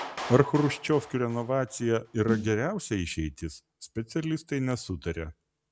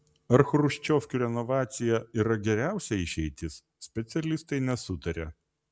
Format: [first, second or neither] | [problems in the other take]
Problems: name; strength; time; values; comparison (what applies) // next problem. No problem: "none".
second | background sound (Clapping + Snare drum); 13 dB below the speech